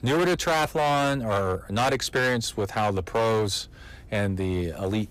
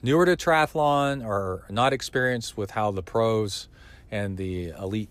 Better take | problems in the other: second | distortion; heavy; 17% of the sound clipped

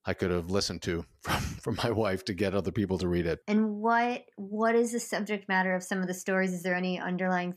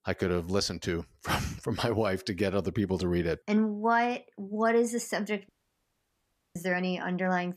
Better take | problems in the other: first | audio cutting out; at 5.5 s for 1 s

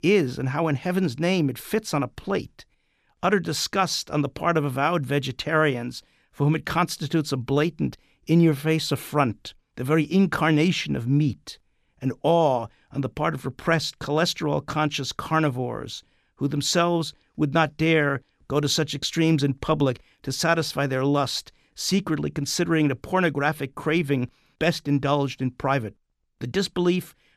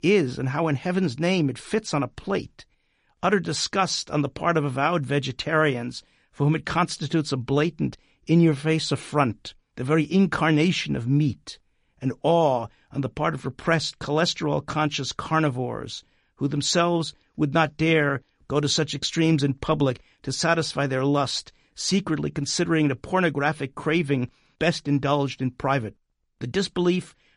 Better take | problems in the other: first | garbled, watery; slightly; nothing above 10.5 kHz

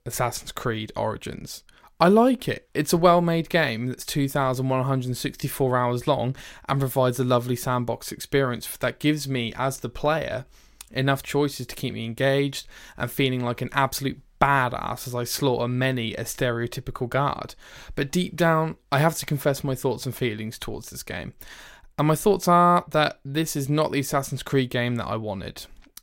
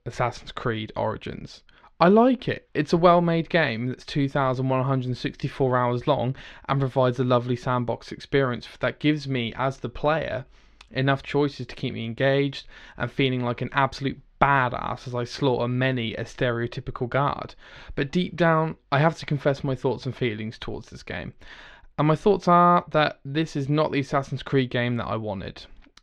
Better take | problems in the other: first | muffled; very slightly; fading above 4 kHz

